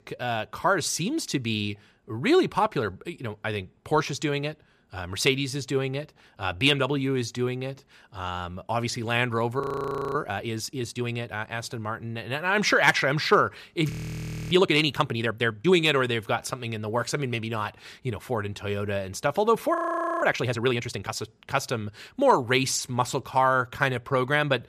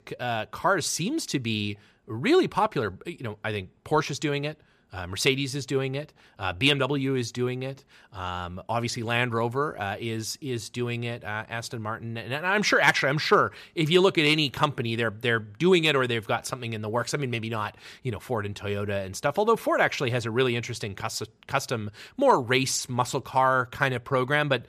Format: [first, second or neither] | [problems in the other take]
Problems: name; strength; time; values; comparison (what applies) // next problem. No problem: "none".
second | audio freezing; at 9.5 s for 0.5 s, at 14 s for 0.5 s and at 20 s